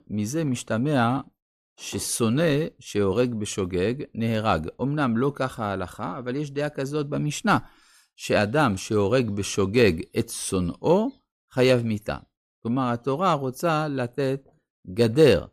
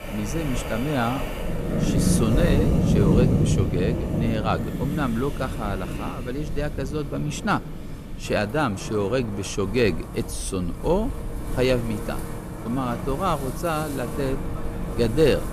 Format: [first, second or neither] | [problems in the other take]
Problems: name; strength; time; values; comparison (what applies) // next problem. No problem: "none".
first | wind in the background; loud; throughout; 1 dB below the speech